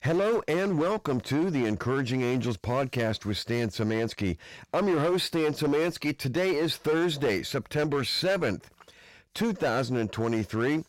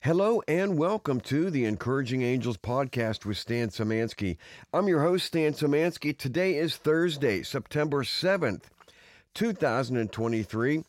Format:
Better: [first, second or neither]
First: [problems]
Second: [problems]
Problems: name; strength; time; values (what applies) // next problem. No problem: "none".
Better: second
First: distortion; slight; 13% of the sound clipped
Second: none